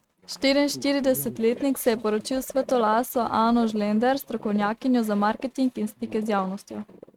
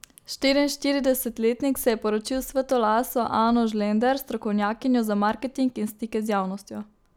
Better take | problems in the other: second | noise reduction (neural mask model RNNoise)

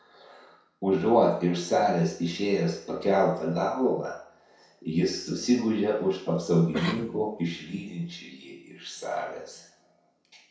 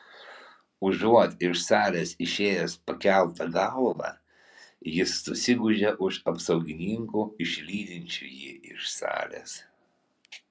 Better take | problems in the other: second | background sound (Cough); 10 dB below the speech // room echo; dies away in 0.6 s

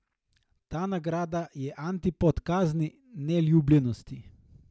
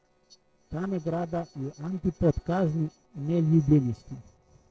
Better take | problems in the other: first | noise reduction (neural separator model SepFormer DNS4)

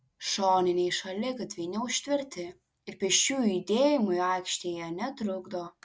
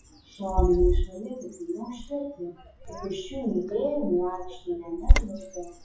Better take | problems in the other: first | noise reduction (classical method WPE with log-MMSE)

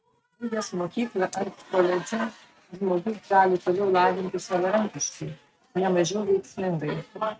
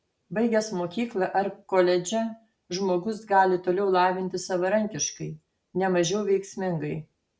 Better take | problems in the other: second | noise reduction (neural mask model RNNoise)

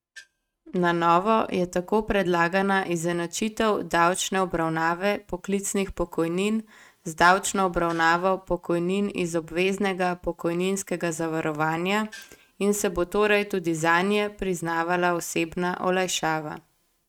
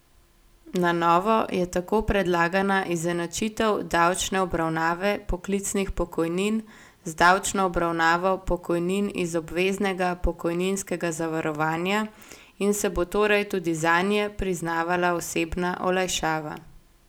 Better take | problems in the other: second | noise reduction (neural mask model RNNoise)

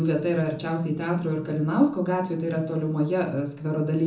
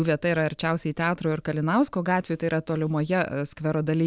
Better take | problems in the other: second | room echo; dies away in 0.6 s

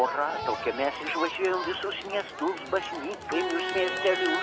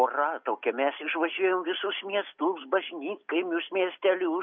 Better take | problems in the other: second | background sound (Crowd); 4 dB below the speech

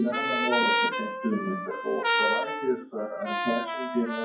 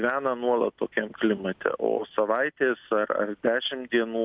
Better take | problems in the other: second | noise reduction (classical method WPE with log-MMSE)

